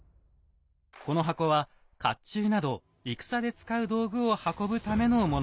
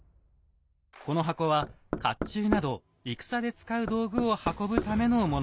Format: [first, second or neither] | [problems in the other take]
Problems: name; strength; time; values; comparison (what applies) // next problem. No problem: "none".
first | background sound (Knock); 5 dB below the speech